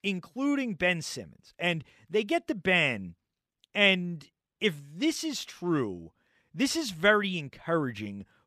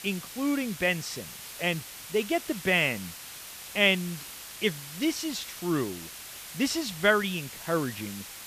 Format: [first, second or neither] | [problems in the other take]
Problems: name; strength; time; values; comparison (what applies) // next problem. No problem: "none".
first | hiss; noticeable; throughout; 10 dB below the speech